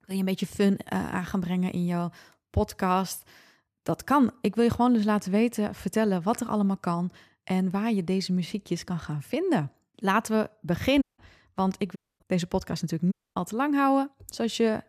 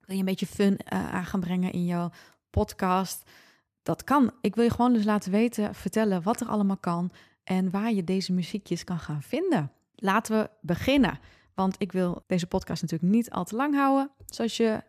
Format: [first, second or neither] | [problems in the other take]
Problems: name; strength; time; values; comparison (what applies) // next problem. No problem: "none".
second | audio cutting out; at 11 s, at 12 s and at 13 s